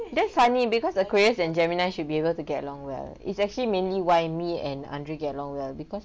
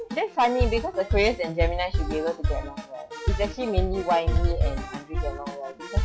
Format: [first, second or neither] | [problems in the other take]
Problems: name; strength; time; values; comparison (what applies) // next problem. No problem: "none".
first | noise reduction (classical method log-MMSE)